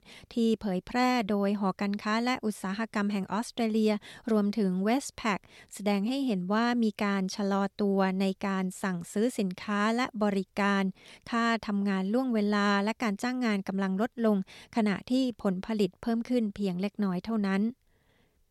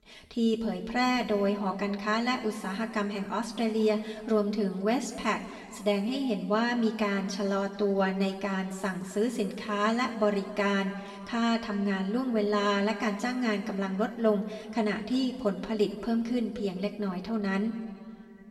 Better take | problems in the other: first | room echo; noticeable; dies away in 1.8 s // off-mic speech; far

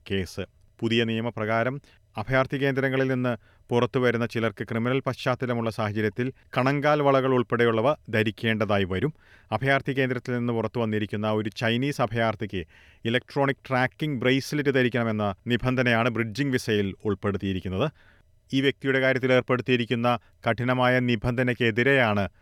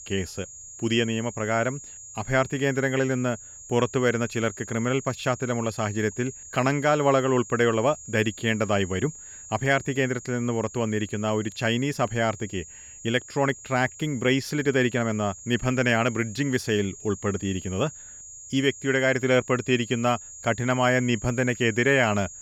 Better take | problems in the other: first | high-pitched whine; noticeable; throughout; 7 kHz, 15 dB below the speech

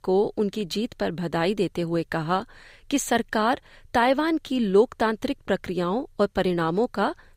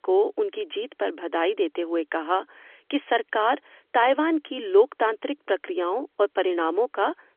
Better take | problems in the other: first | phone-call audio; nothing above 3.5 kHz

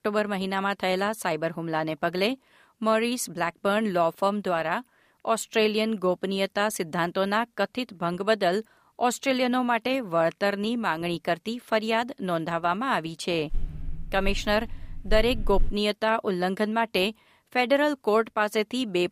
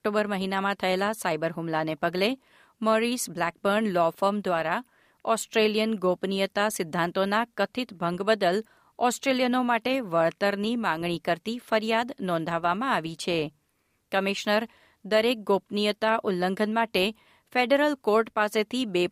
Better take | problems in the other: second | footsteps; noticeable; from 14 to 16 s; peak 8 dB below the speech

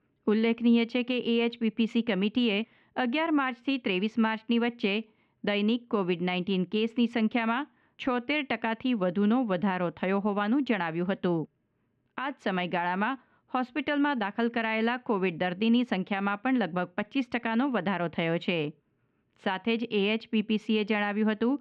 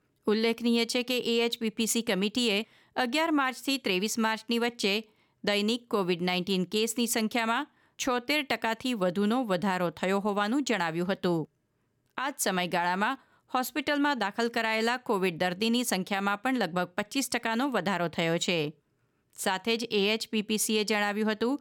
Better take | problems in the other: second | muffled; very; fading above 3 kHz

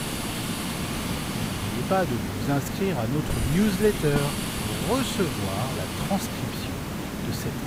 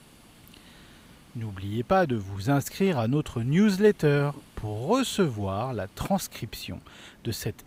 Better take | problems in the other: second | hiss; loud; throughout; 2 dB below the speech; faint in the second

